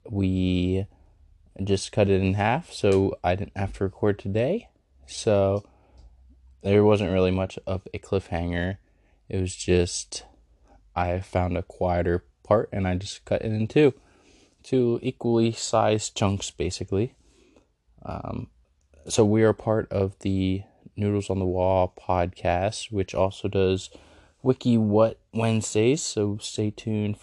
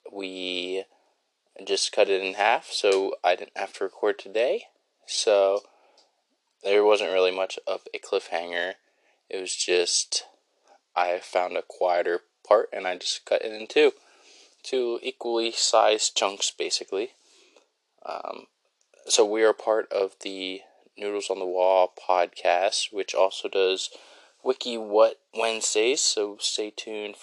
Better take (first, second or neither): first